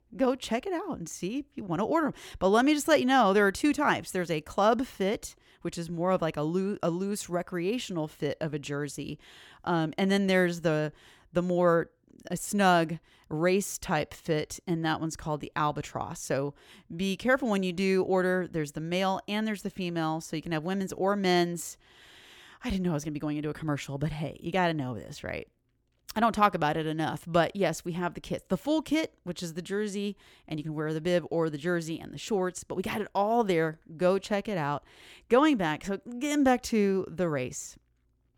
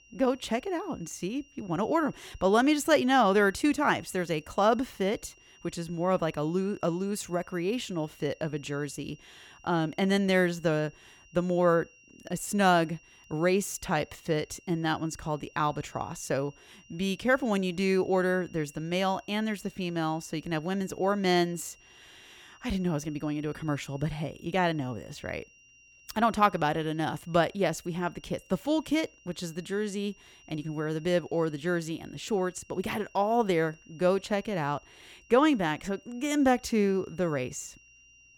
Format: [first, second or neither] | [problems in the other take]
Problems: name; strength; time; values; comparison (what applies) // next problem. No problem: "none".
first | high-pitched whine; faint; throughout; 3 kHz, 25 dB below the speech